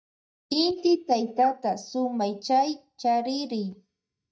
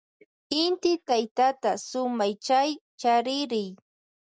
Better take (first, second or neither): second